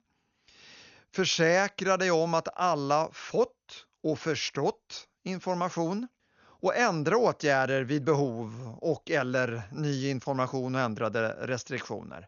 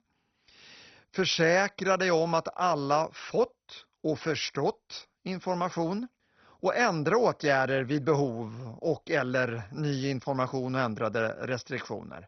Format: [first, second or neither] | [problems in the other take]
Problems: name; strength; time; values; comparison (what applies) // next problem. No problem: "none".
first | garbled, watery; badly; nothing above 6 kHz; slightly in the first